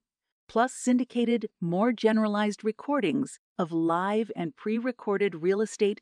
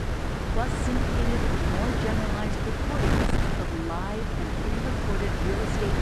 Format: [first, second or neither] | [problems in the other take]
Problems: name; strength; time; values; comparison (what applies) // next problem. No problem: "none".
first | wind noise on the microphone; heavy; 5 dB above the speech